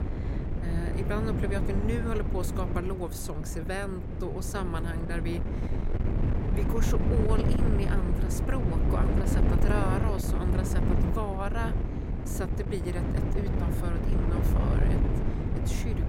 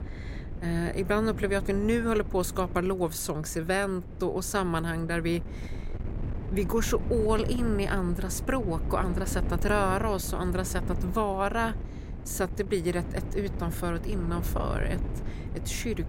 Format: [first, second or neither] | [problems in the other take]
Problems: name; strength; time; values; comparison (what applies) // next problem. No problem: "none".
second | wind noise on the microphone; heavy; 1 dB below the speech; occasional gusts in the second